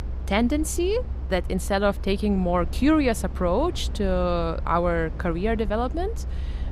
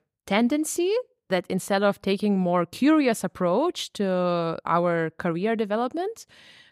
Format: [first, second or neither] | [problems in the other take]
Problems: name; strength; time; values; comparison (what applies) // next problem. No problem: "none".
second | low rumble; faint; throughout; 20 dB below the speech